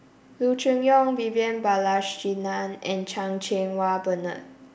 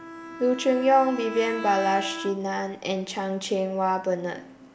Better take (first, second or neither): first